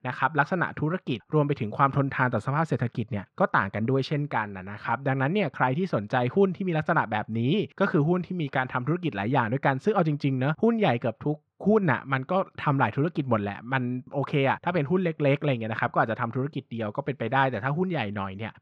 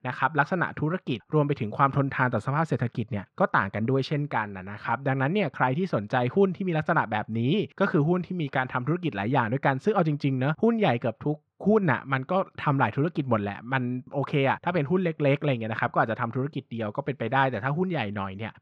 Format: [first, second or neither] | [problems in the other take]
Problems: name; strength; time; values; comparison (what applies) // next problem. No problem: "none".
neither | muffled; slightly; fading above 3 kHz; the same in both